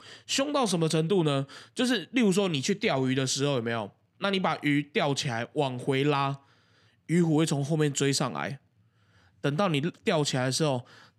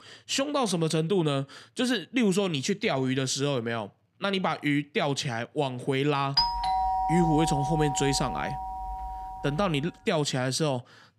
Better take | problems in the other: first | doorbell; loud; from 6.5 to 9.5 s; peak 3 dB above the speech

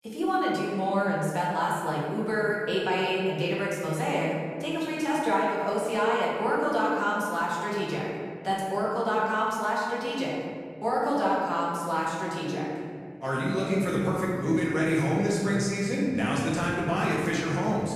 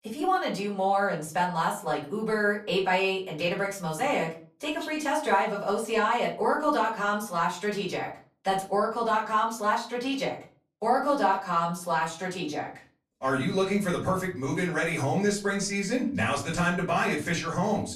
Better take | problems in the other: second | room echo; strong; dies away in 2.4 s; slight in the second // off-mic speech; far; far in the second

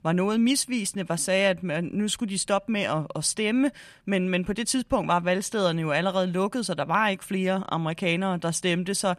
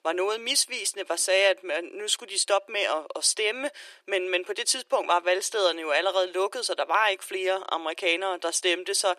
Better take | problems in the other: first | thin; very; fading below 350 Hz

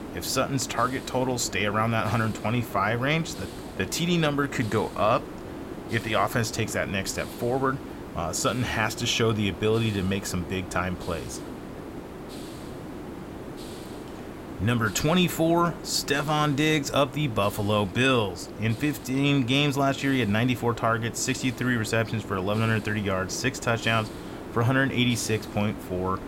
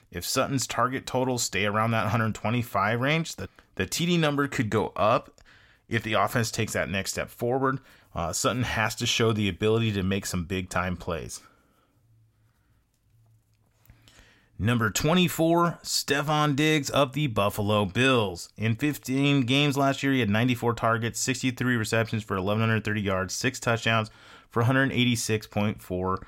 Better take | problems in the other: second | hiss; noticeable; throughout; 15 dB below the speech

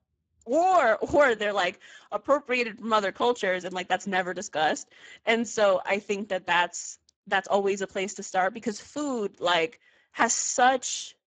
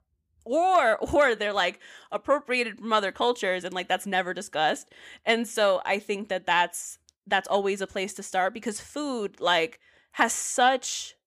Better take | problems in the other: second | garbled, watery; badly

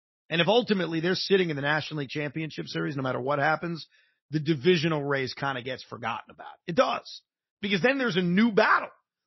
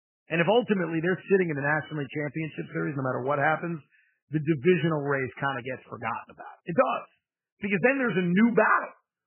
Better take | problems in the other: first | garbled, watery; badly; nothing above 3 kHz; slightly in the first

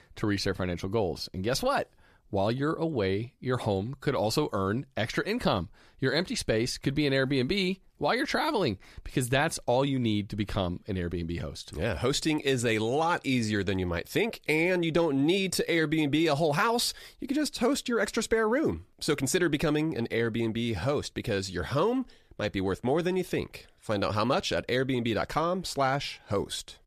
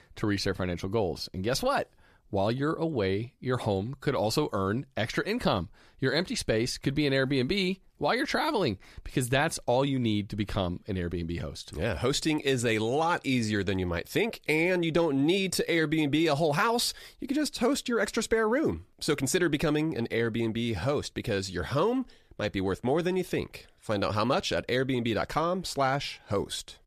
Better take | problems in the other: neither | none

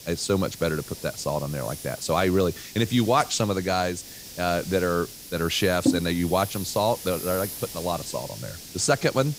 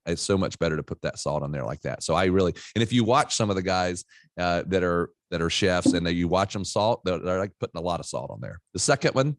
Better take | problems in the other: second | hiss; noticeable; throughout; 10 dB below the speech

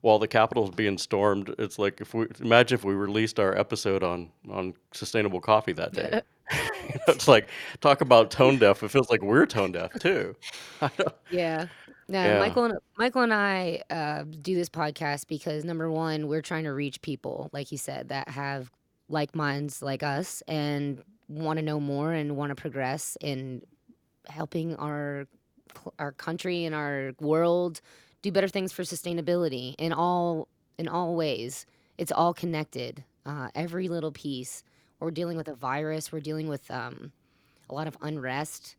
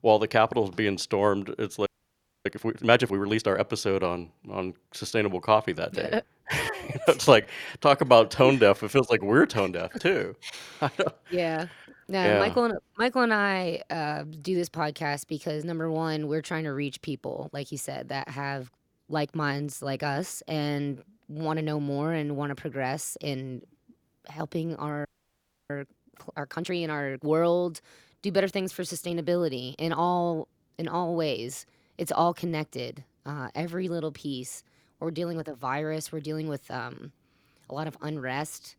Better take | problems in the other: first | audio freezing; at 2 s for 0.5 s and at 25 s for 0.5 s

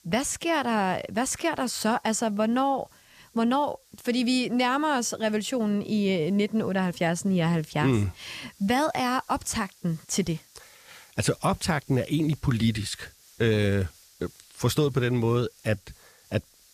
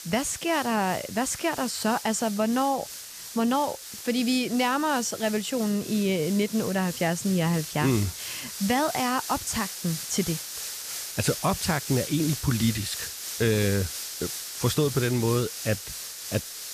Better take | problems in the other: first | hiss; loud; throughout; 8 dB below the speech; faint in the first

